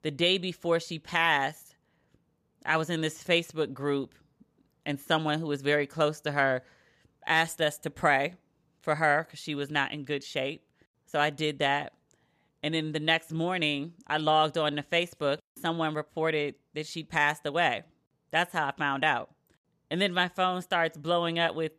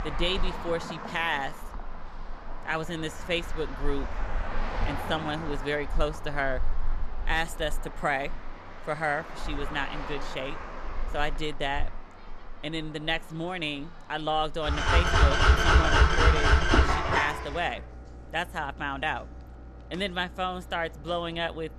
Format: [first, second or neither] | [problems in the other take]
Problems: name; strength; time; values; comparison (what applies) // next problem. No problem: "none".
first | traffic noise; very loud; throughout; 3 dB above the speech